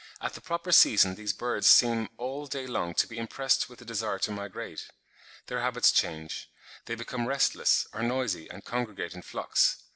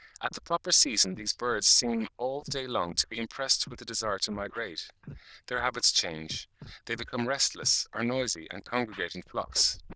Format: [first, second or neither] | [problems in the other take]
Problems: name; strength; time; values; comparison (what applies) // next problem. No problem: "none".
first | noise reduction (neural diffusion model UNIVERSE++)